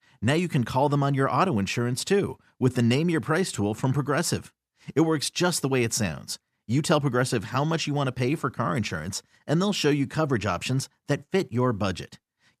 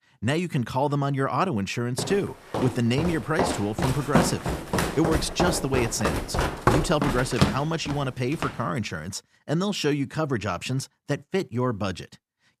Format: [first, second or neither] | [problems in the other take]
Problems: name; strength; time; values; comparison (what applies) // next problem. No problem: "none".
first | footsteps; loud; from 2 to 8.5 s; peak 3 dB above the speech